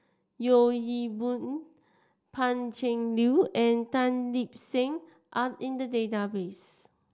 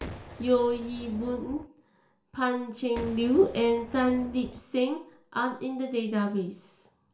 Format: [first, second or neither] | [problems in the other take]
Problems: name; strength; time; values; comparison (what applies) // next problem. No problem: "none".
first | background sound (Boom); 14 dB below the speech // room echo; dies away in 0.4 s